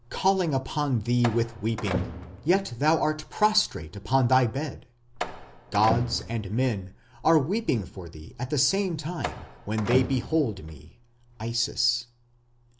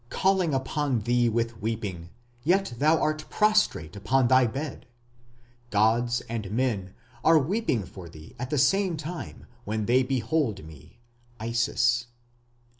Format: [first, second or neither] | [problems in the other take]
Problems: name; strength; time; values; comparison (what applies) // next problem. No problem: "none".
second | background sound (Slam); 10 dB below the speech